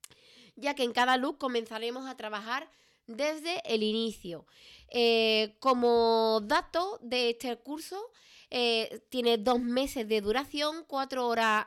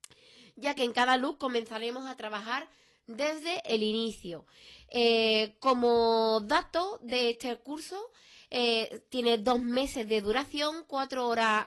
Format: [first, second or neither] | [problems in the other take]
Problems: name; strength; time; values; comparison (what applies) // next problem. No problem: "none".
first | garbled, watery; slightly; nothing above 11.5 kHz